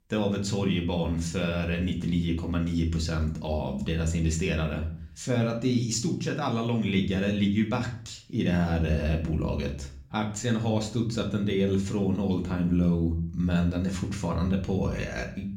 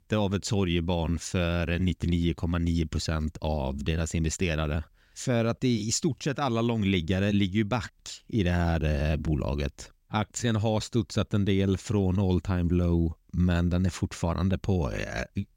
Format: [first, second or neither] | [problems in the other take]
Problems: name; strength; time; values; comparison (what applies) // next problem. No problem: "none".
second | room echo; slight; dies away in 0.5 s // off-mic speech; somewhat distant